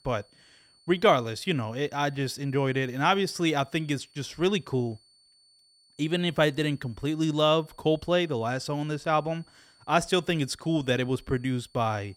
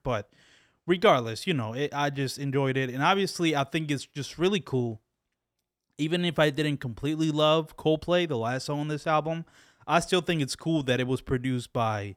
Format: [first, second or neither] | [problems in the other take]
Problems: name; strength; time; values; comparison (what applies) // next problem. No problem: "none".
second | high-pitched whine; faint; throughout; 4.5 kHz, 30 dB below the speech